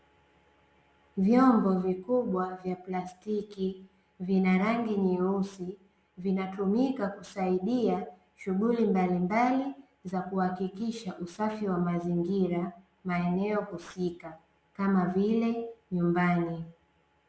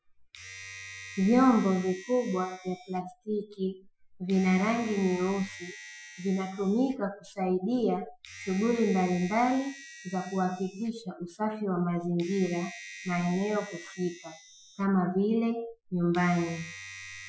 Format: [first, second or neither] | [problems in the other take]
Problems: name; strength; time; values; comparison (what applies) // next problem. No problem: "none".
first | noise reduction (classical method Wiener filter)